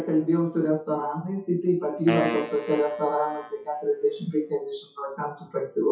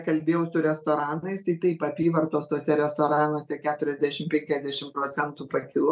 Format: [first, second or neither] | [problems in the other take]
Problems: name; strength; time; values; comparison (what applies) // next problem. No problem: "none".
second | noise reduction (classical method WPE with log-MMSE)